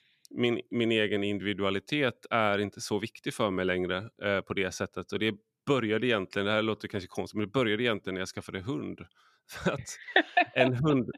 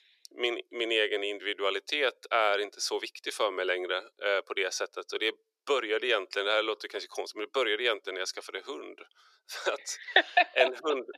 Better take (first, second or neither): first